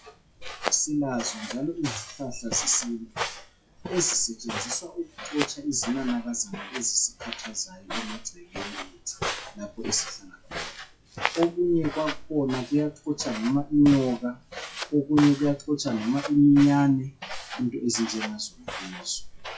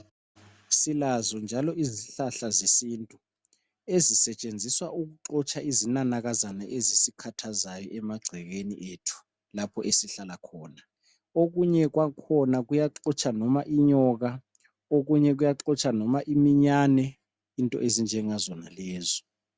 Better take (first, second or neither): second